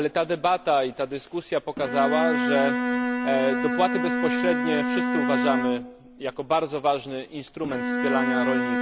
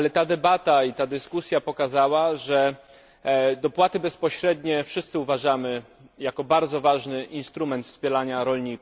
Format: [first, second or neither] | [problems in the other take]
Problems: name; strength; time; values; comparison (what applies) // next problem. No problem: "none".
second | background sound (Bowed string instrument); 1 dB below the speech